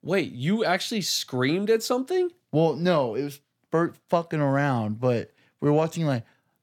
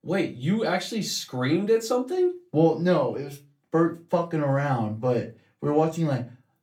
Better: first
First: none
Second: off-mic speech; far // room echo; very slight; dies away in 0.2 s

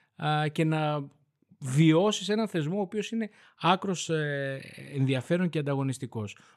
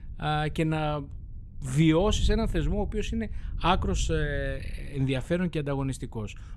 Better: first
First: none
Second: wind noise on the microphone; occasional gusts; 25 dB below the speech

